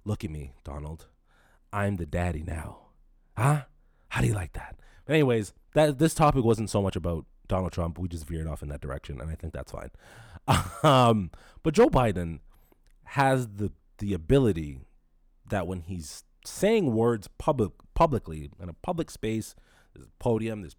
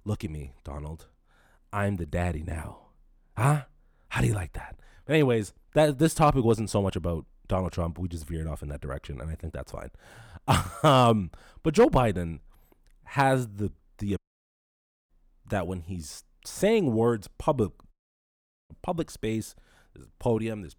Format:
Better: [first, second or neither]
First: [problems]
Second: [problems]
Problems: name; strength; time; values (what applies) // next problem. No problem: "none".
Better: first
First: none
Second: audio cutting out; at 14 s for 1 s and at 18 s for 1 s